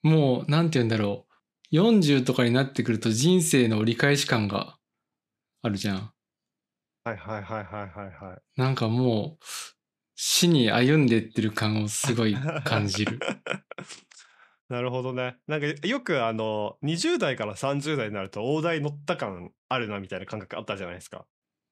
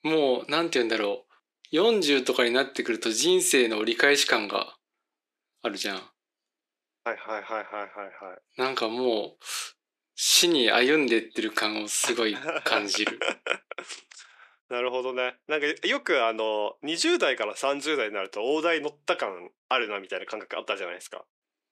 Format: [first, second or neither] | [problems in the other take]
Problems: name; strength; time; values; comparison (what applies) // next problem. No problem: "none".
first | thin; somewhat; fading below 350 Hz